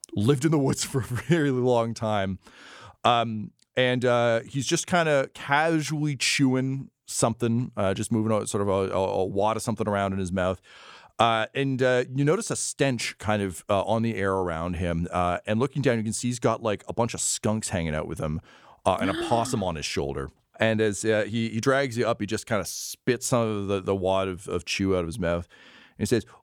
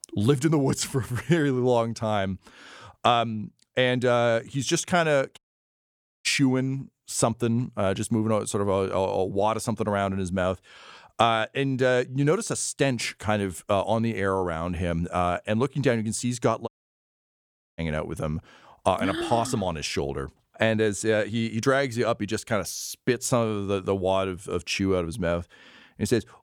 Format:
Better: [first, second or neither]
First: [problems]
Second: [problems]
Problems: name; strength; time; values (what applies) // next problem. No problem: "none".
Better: first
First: none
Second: audio cutting out; at 5.5 s for 1 s and at 17 s for 1 s